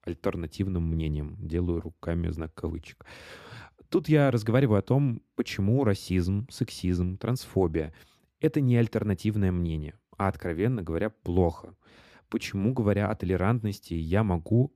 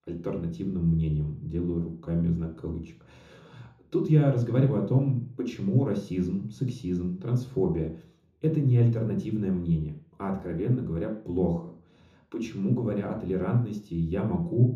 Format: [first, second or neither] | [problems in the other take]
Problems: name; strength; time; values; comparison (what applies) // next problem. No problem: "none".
first | room echo; slight; dies away in 0.6 s // off-mic speech; somewhat distant